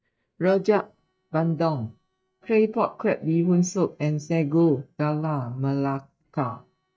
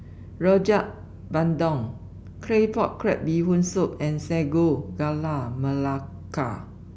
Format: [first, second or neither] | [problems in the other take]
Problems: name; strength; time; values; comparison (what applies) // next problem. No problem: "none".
second | noise reduction (neural mask model DeepFilterNet 3)